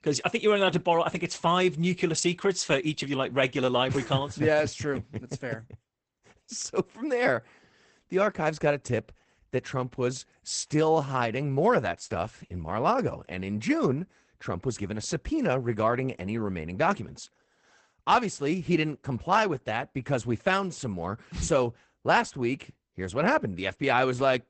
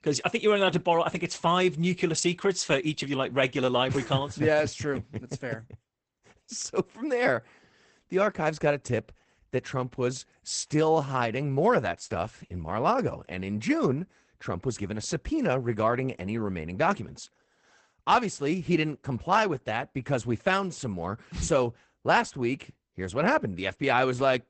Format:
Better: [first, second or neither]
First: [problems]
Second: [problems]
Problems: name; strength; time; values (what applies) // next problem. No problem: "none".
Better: neither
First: garbled, watery; badly; nothing above 8 kHz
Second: garbled, watery; badly; nothing above 8 kHz